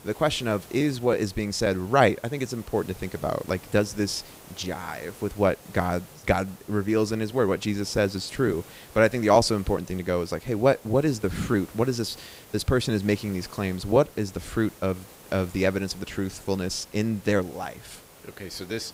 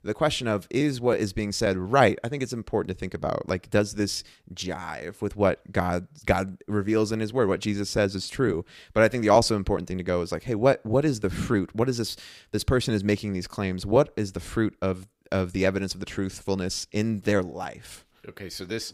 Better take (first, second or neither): second